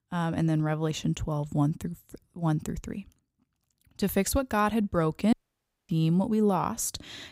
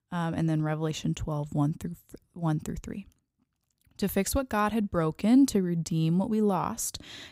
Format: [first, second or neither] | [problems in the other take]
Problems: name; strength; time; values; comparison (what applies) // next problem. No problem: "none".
second | audio cutting out; at 5.5 s for 0.5 s